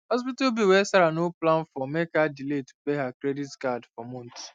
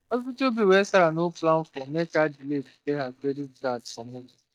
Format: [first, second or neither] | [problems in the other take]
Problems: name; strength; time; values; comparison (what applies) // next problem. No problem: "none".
first | noise reduction (neural mask model DeepFilterNet 3)